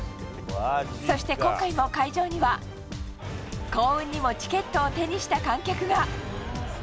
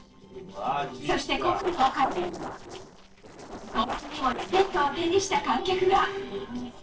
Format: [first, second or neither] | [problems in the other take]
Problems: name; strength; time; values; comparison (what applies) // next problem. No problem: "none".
first | noise reduction (neural separator model SepFormer DNS4)